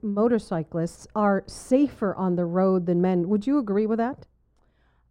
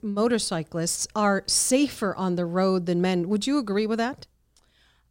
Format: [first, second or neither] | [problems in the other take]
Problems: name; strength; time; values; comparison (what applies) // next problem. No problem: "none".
second | muffled; very; fading above 2 kHz